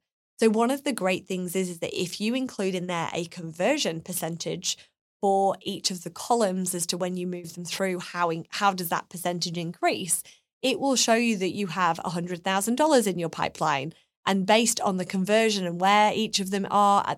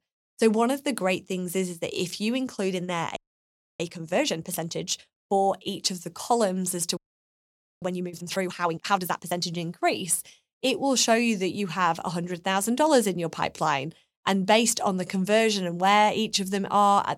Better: first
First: none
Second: audio freezing; at 3 s for 0.5 s and at 7 s for 1 s

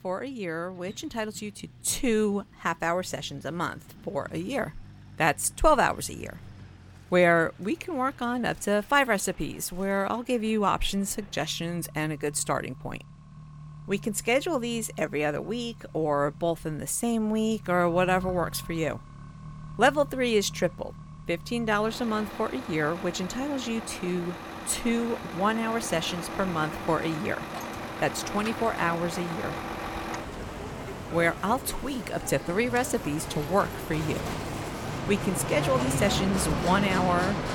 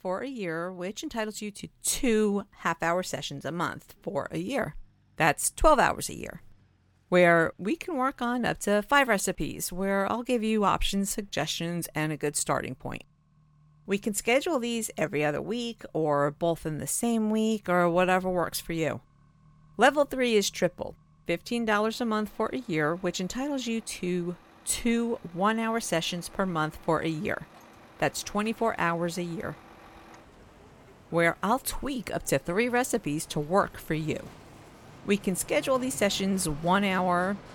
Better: second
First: traffic noise; loud; throughout; 8 dB below the speech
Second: traffic noise; faint; throughout; 25 dB below the speech

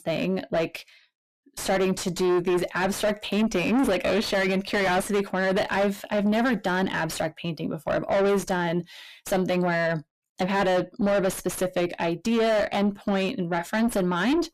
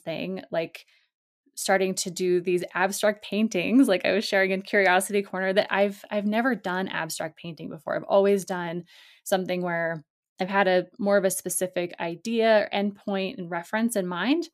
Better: second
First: distortion; heavy; 5 dB below the speech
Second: none

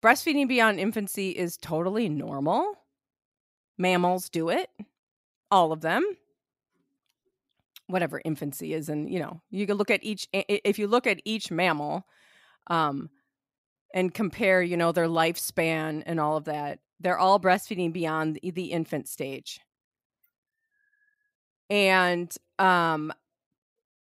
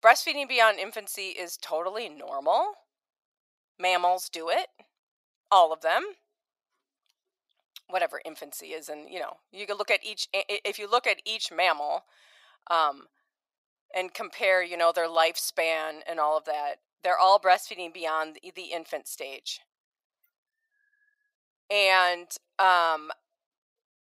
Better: first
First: none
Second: thin; very; fading below 500 Hz

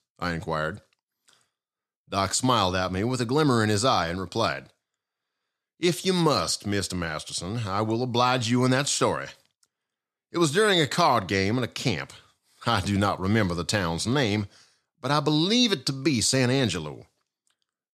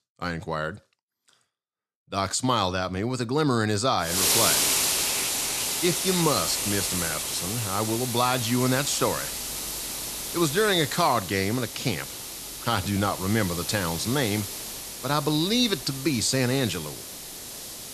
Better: first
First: none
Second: hiss; loud; from 4 s on; 2 dB below the speech

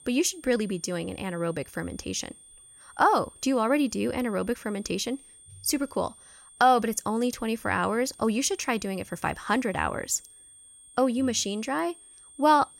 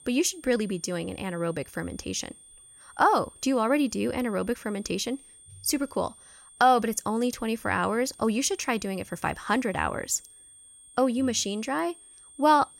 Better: neither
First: high-pitched whine; faint; throughout; 8.5 kHz, 20 dB below the speech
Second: high-pitched whine; faint; throughout; 8.5 kHz, 20 dB below the speech

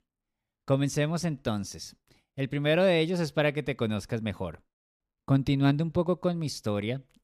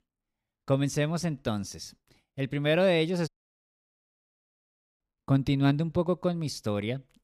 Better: first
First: none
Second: audio cutting out; at 3.5 s for 1.5 s

